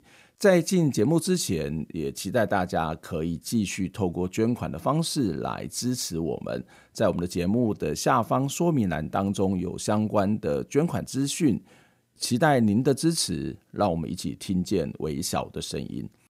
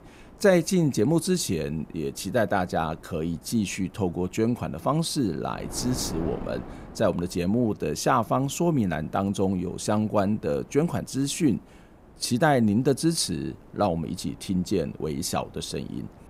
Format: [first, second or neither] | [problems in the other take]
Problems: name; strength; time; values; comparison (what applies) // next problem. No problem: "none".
first | wind noise on the microphone; occasional gusts; 20 dB below the speech